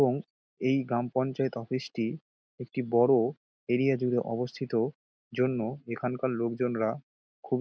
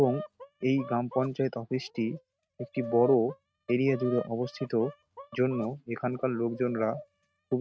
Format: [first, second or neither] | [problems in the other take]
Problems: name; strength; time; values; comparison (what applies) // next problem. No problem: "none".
first | noise reduction (neural mask model RNNoise)